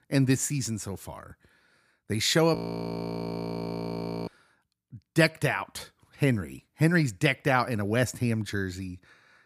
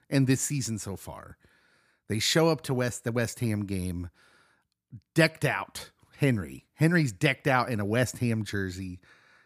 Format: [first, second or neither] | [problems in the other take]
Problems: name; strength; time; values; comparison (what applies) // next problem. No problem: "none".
second | audio freezing; at 2.5 s for 1.5 s